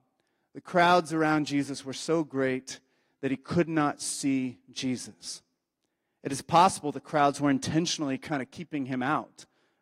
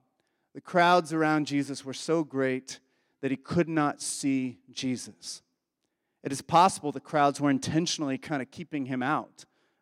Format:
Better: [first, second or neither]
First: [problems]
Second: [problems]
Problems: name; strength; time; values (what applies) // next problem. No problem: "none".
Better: second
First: garbled, watery; slightly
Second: none